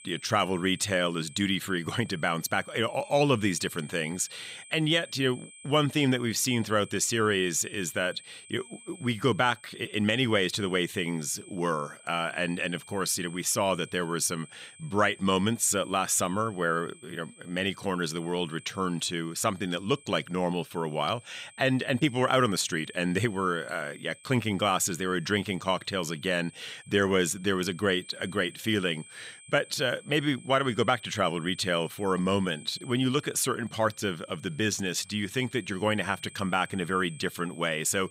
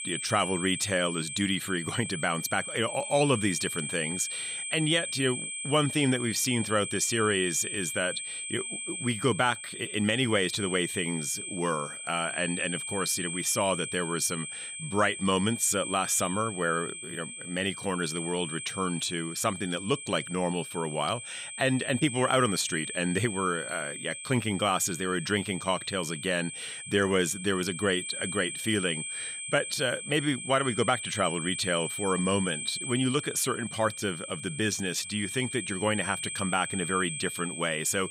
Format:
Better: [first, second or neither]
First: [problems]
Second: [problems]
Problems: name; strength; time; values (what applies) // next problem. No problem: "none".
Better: first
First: high-pitched whine; faint; throughout; 8 kHz, 20 dB below the speech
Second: high-pitched whine; loud; throughout; 8 kHz, 6 dB below the speech